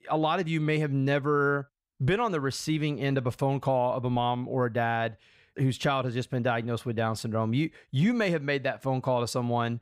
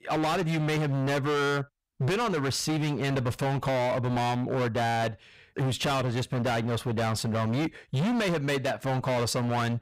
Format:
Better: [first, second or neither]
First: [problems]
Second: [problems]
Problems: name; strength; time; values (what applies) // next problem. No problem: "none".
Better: first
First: none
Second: distortion; heavy; 36% of the sound clipped